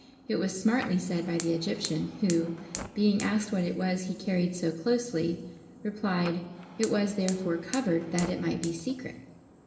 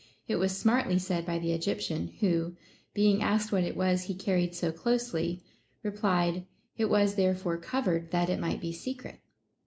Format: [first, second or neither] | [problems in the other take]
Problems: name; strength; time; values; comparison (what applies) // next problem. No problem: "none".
second | background sound (Fire); 15 dB below the speech // room echo; dies away in 2.9 s